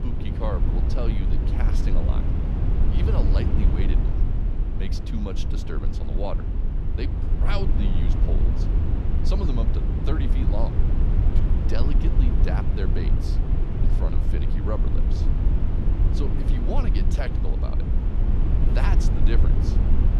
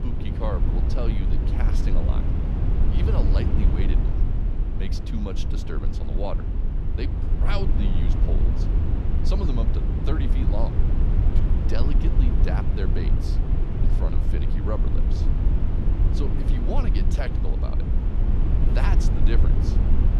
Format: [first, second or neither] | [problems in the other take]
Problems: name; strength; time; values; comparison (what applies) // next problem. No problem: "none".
neither | low rumble; loud; throughout; 1 dB below the speech; the same in both